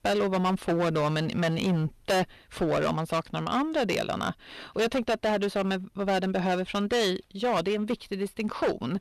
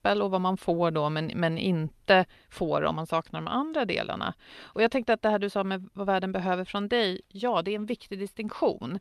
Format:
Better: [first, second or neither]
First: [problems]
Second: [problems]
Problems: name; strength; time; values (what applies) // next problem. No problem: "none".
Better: second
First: distortion; heavy; 14% of the sound clipped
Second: none